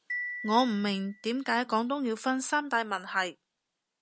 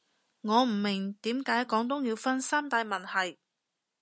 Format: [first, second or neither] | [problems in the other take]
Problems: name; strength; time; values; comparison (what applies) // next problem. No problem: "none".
second | background sound (Marimba, xylophone); 14 dB below the speech